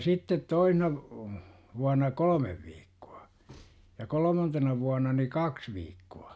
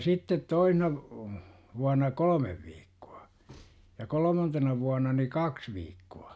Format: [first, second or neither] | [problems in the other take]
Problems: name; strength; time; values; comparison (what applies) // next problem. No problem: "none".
second | background sound (Whoosh, swoosh, swish); 20 dB below the speech